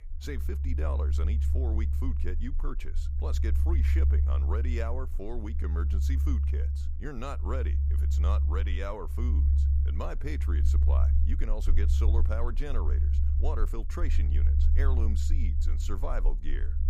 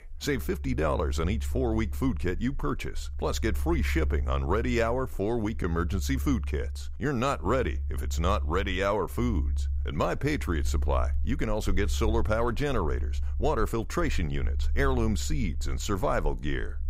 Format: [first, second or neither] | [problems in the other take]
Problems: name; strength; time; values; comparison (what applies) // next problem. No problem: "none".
second | low rumble; loud; throughout; 5 dB below the speech; faint in the second